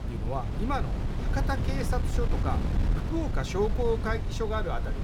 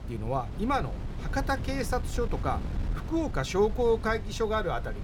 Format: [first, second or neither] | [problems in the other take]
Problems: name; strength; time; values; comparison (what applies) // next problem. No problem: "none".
second | wind noise on the microphone; heavy; 7 dB below the speech; occasional gusts in the second